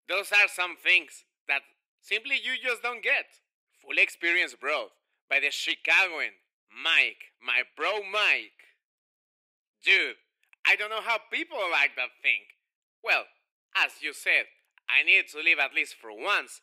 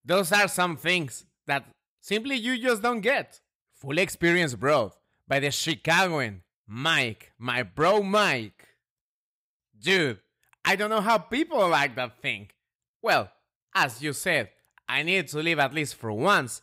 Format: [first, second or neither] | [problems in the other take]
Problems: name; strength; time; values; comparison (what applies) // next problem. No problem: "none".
second | thin; very; fading below 350 Hz